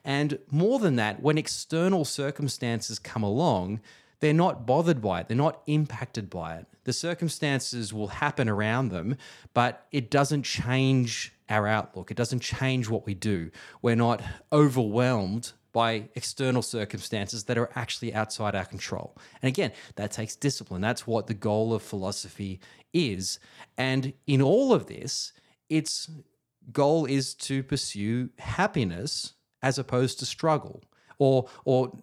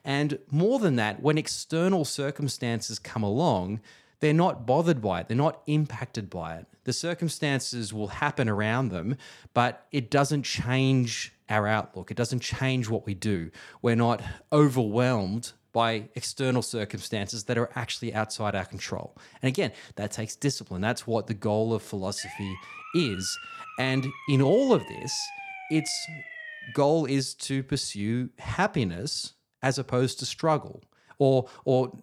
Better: first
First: none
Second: siren; faint; from 22 to 27 s; peak 10 dB below the speech

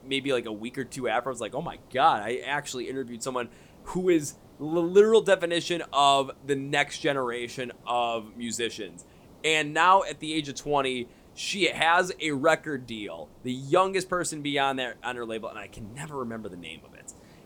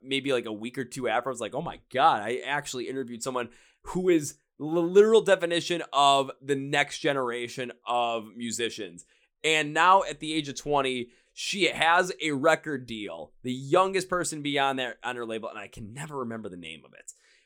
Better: second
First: hiss; faint; throughout; 30 dB below the speech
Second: none

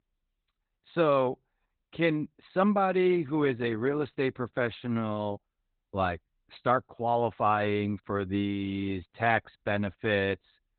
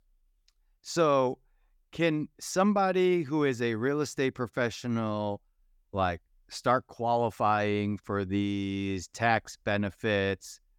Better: second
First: garbled, watery; badly; nothing above 4 kHz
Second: none

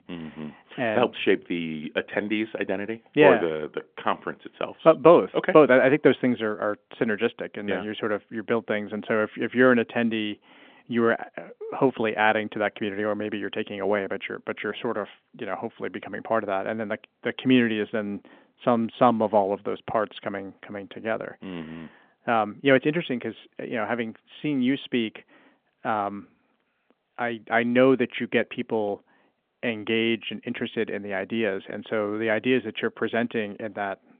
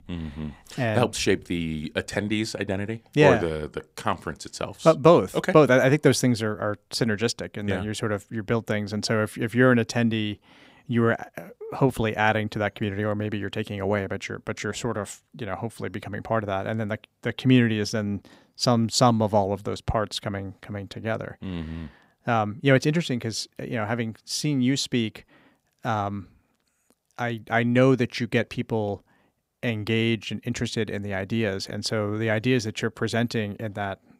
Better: second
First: phone-call audio; nothing above 3.5 kHz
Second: none

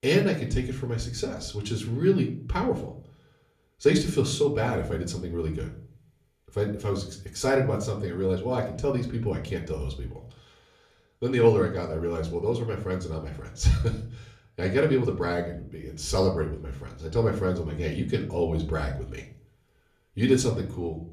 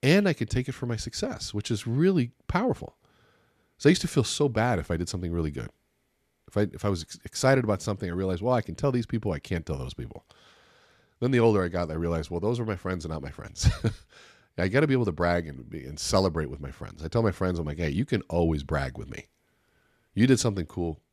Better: second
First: off-mic speech; far // room echo; very slight; dies away in 0.4 s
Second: none

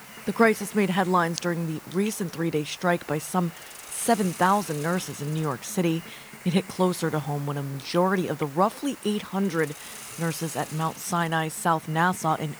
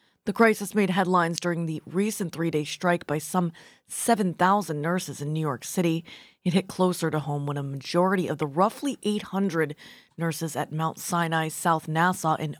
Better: second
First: hiss; noticeable; throughout; 15 dB below the speech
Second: none

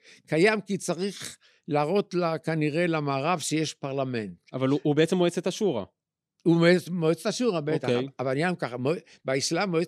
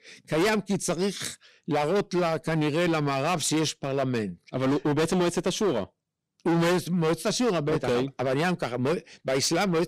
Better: first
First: none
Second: distortion; heavy; 17% of the sound clipped

